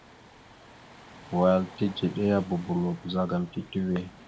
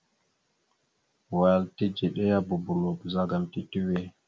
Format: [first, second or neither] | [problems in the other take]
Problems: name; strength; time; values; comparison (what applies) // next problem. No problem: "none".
second | background sound (Waves, surf); 20 dB below the speech